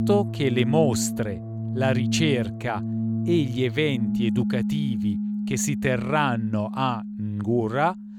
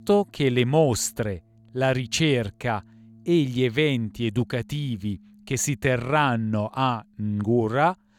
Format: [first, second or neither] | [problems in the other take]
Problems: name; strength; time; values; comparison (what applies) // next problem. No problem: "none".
second | background music; loud; throughout; 3 dB below the speech; faint in the second